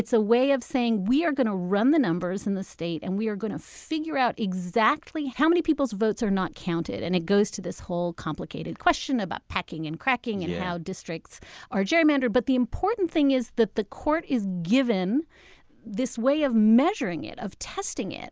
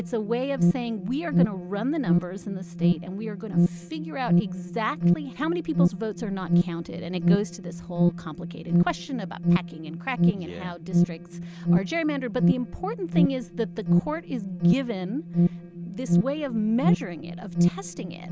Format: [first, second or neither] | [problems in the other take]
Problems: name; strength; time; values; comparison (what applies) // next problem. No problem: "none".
first | background sound (Alarm); 5 dB above the speech